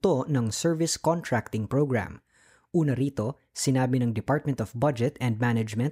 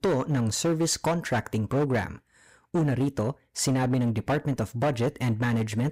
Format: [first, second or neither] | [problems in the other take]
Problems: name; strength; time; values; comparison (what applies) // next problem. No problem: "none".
first | distortion; slight; 12% of the sound clipped